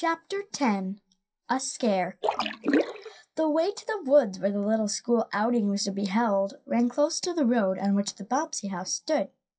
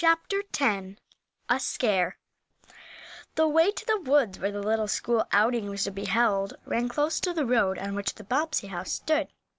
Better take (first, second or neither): second